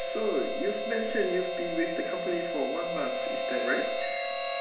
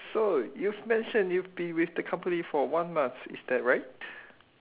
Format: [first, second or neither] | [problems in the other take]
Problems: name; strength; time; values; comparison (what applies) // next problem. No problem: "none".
second | background sound (Harmonica); as loud as the speech // room echo; dies away in 0.8 s